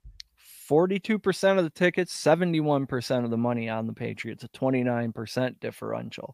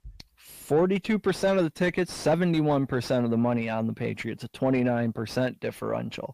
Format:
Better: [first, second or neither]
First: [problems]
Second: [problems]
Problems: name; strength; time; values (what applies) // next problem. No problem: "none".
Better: first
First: none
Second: distortion; slight; 10 dB below the speech